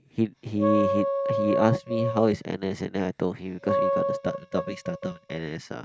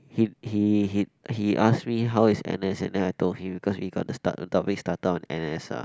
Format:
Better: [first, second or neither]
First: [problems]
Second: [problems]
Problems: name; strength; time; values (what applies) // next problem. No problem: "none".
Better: second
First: noise reduction (neural mask model RNNoise)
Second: none